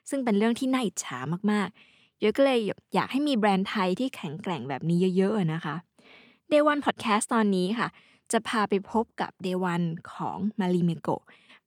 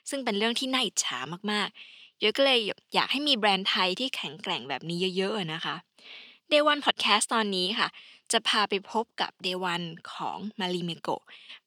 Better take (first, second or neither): first